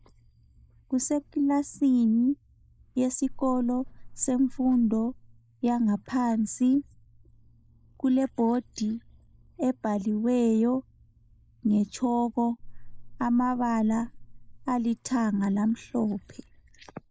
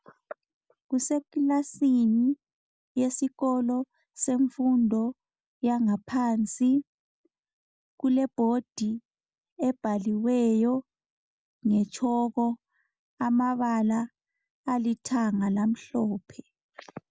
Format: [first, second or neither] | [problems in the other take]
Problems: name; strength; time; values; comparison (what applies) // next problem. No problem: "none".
second | noise reduction (neural mask model Resemble Enhance denoiser)